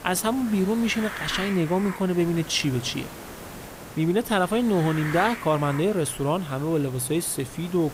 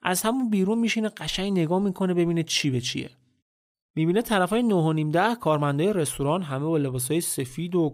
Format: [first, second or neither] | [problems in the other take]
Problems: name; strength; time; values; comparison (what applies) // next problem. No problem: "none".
second | hiss; noticeable; throughout; 10 dB below the speech